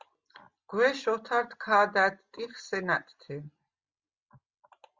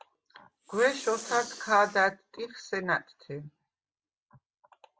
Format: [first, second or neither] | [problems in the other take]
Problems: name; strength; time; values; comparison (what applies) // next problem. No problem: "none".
first | background sound (Respiratory sounds); 15 dB below the speech